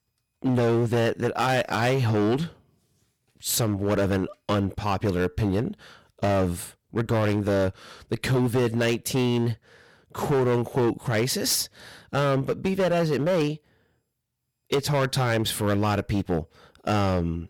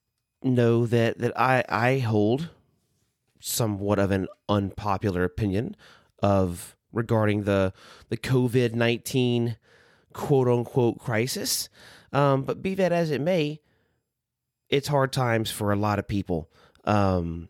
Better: second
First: distortion; heavy; 12% of the sound clipped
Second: none

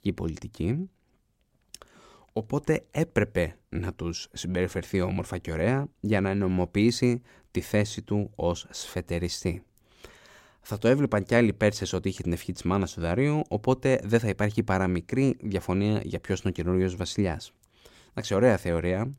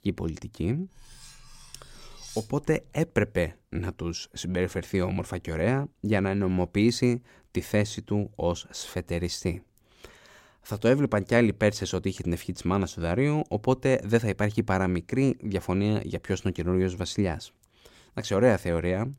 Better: first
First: none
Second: clattering dishes; faint; from 1 to 3 s; peak 15 dB below the speech

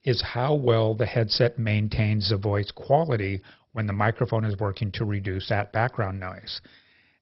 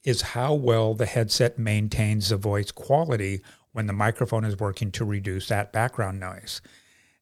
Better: second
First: garbled, watery; badly; nothing above 5.5 kHz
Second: none

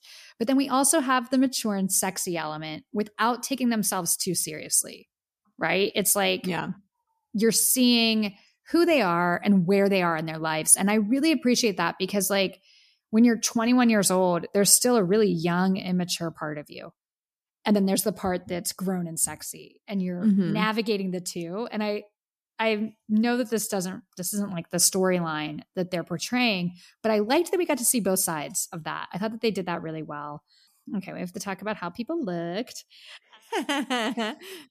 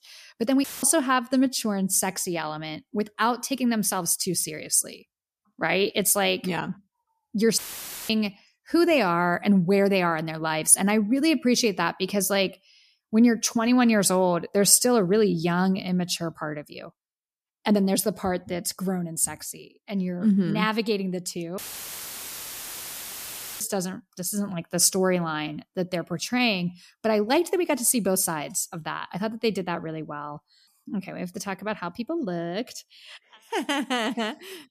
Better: first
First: none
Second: audio cutting out; filled with static; at 0.5 s, at 7.5 s for 0.5 s and at 22 s for 2 s

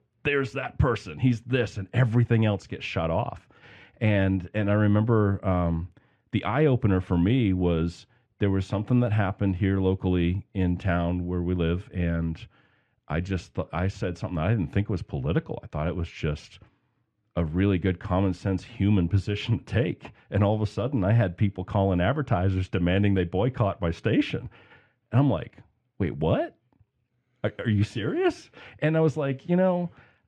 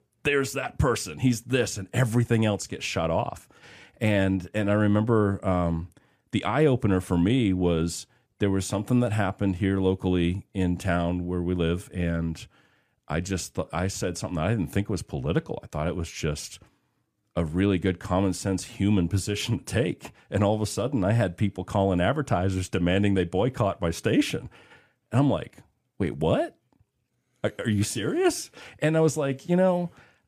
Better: second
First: muffled; slightly; fading above 2.5 kHz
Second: none

